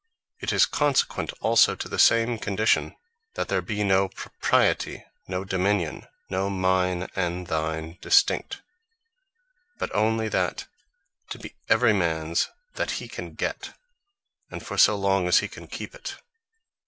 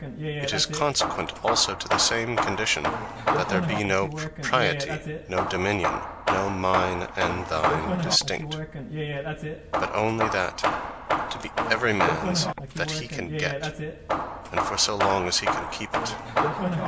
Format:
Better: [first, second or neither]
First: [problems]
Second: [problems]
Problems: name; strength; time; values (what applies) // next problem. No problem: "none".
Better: first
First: none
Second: background sound (Hammer / Wood); as loud as the speech